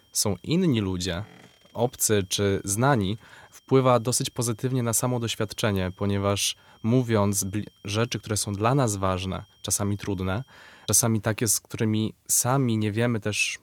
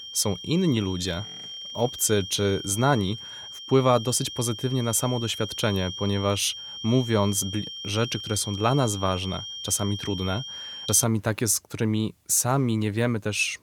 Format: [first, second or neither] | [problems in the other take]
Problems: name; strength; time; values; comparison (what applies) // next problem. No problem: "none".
first | high-pitched whine; loud; until 11 s; 3 kHz, 10 dB below the speech; faint in the first